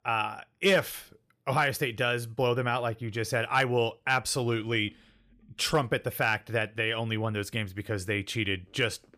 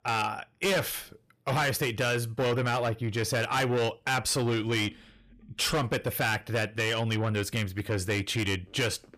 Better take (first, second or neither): first